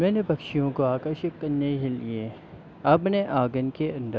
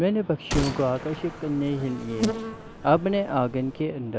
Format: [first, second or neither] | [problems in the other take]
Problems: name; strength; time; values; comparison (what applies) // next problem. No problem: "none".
first | background sound (Insect + Gunshot, gunfire); 7 dB below the speech